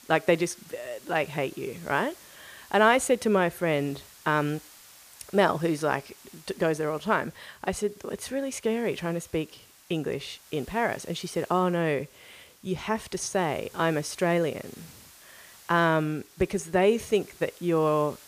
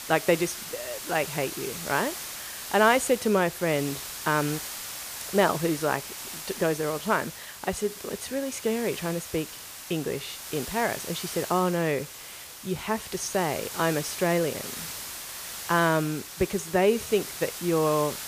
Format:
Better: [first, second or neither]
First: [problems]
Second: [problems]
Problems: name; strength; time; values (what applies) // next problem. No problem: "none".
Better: first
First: hiss; faint; throughout; 25 dB below the speech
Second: hiss; loud; throughout; 8 dB below the speech